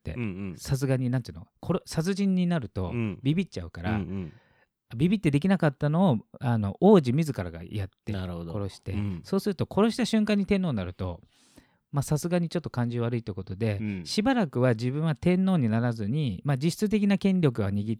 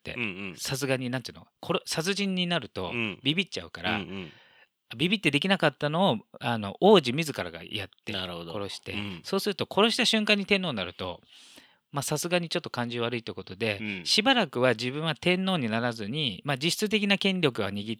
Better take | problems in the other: first | thin; somewhat; fading below 600 Hz

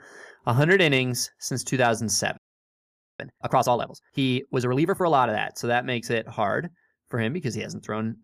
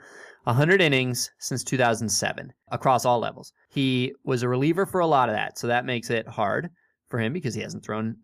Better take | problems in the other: second | audio freezing; at 2.5 s for 1 s

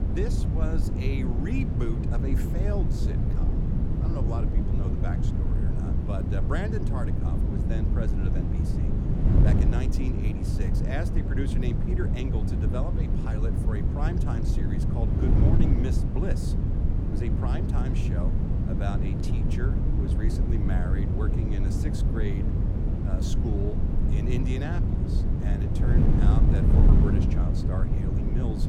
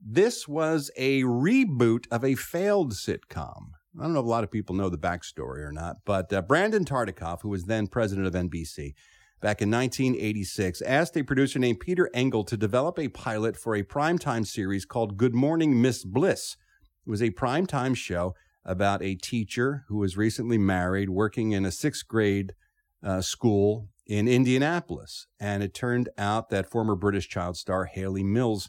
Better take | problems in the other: second | wind noise on the microphone; heavy; 2 dB above the speech

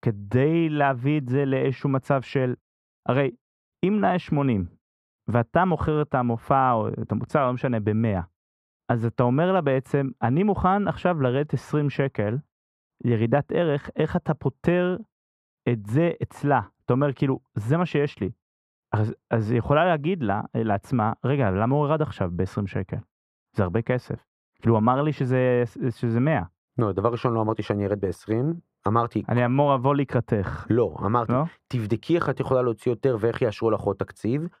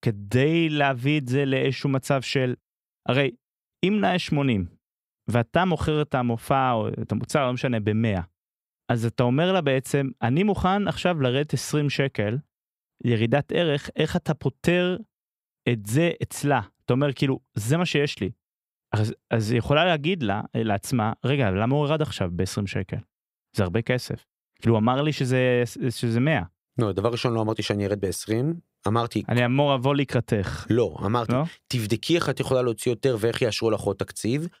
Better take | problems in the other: second | muffled; very; fading above 2.5 kHz

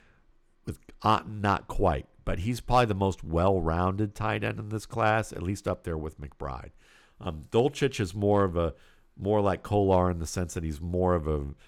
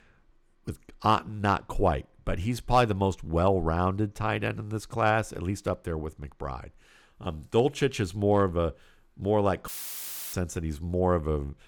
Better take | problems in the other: first | audio cutting out; filled with static; at 9.5 s for 0.5 s

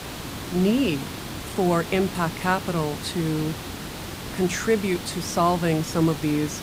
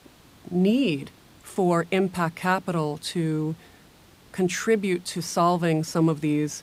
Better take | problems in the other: second | hiss; loud; throughout; 9 dB below the speech; faint in the second

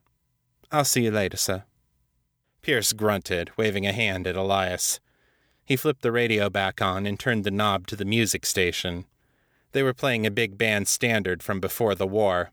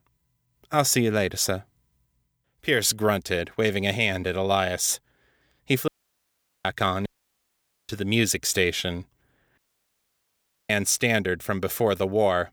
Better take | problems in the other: first | audio cutting out; at 6 s for 1 s, at 7 s for 1 s and at 9.5 s for 1 s

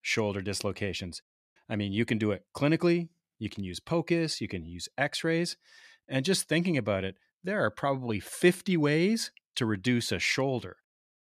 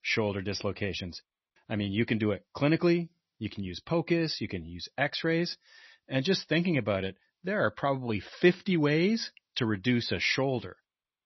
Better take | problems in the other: first | garbled, watery; slightly; nothing above 6 kHz

